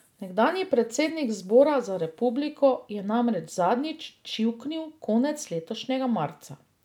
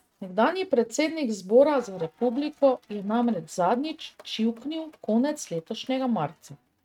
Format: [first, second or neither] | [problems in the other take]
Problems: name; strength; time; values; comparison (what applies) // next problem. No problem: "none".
first | noise reduction (neural mask model RNNoise)